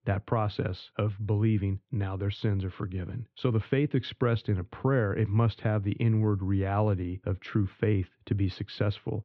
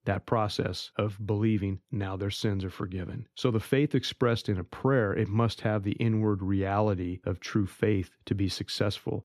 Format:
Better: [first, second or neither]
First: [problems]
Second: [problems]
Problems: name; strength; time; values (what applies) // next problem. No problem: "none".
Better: second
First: muffled; slightly; fading above 3.5 kHz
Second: none